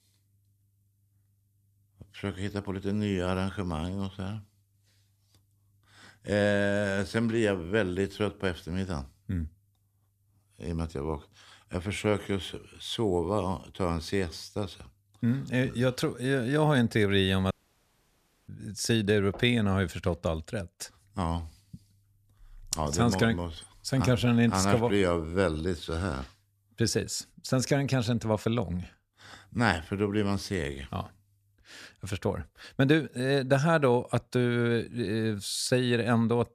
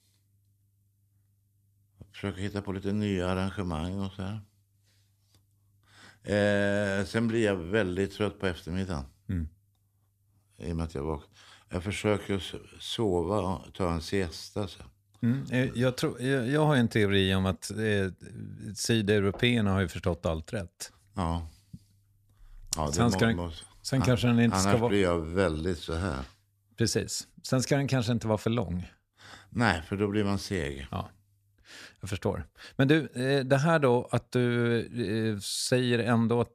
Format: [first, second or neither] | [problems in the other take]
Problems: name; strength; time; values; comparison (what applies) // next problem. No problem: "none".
second | audio cutting out; at 18 s for 1 s